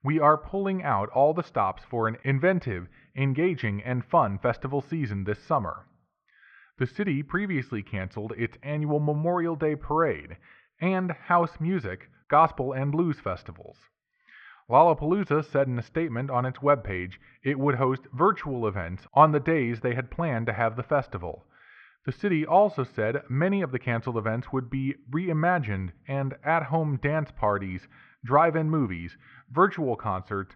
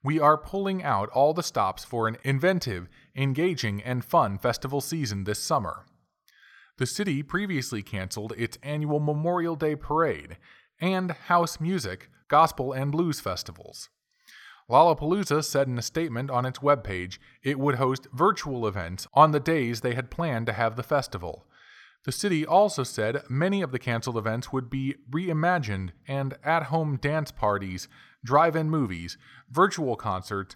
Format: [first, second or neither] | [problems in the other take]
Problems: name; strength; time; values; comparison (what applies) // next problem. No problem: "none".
second | muffled; very; fading above 2.5 kHz